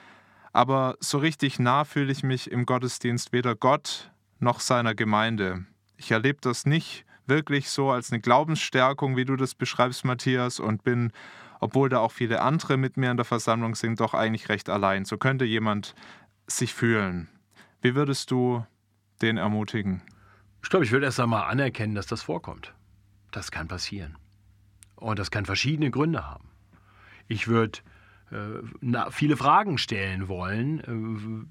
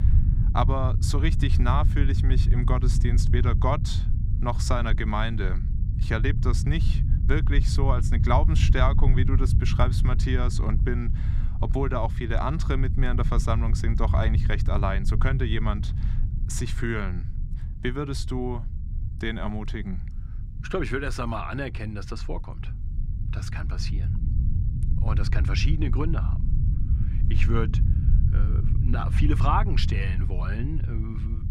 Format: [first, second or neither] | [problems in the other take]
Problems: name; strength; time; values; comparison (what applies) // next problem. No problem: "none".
first | low rumble; noticeable; throughout; 10 dB below the speech